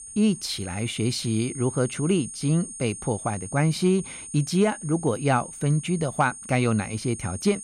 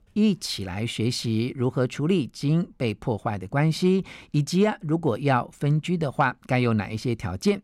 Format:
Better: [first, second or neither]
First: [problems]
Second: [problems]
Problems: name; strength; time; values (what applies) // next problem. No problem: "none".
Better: second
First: high-pitched whine; noticeable; throughout; 9 kHz, 10 dB below the speech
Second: none